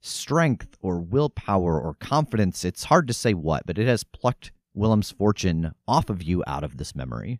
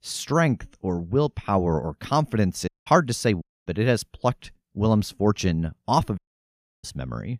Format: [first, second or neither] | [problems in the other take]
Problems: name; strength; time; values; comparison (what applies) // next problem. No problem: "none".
first | audio cutting out; at 2.5 s, at 3.5 s and at 6 s for 0.5 s